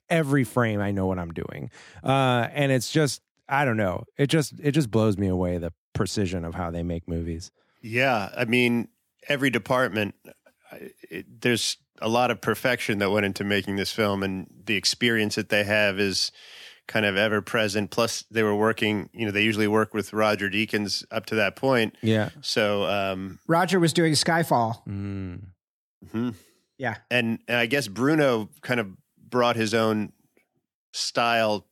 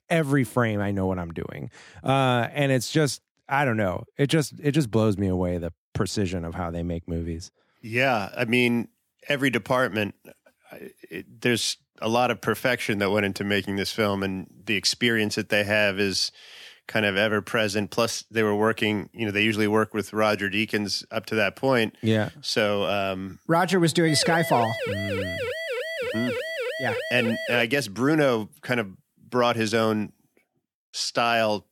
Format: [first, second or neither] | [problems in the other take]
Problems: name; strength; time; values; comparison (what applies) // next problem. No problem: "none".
first | siren; noticeable; from 24 to 28 s; peak 4 dB below the speech